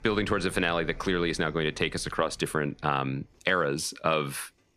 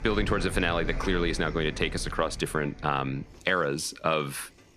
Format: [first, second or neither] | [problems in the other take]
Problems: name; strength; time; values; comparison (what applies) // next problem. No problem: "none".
first | traffic noise; loud; throughout; 10 dB below the speech; faint in the first